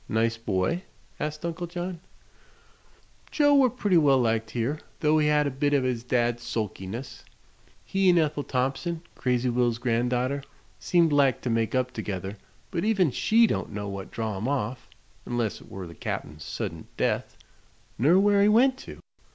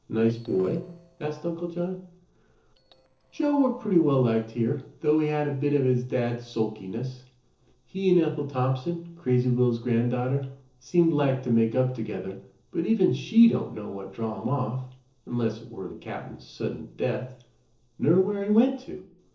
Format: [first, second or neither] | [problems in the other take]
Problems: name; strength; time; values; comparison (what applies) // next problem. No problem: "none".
first | noise reduction (neural separator model SepFormer DNS4)